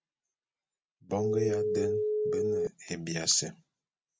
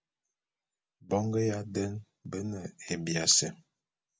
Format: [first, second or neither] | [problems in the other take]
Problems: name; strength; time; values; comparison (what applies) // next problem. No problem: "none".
second | background sound (Telephone); 2 dB above the speech